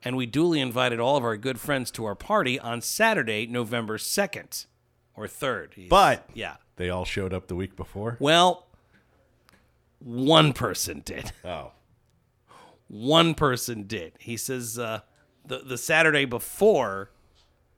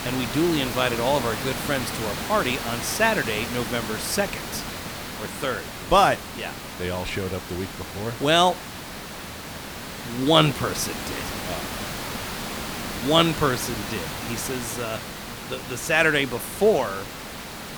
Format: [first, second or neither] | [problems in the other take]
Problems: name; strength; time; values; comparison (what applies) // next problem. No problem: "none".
first | hiss; loud; throughout; 8 dB below the speech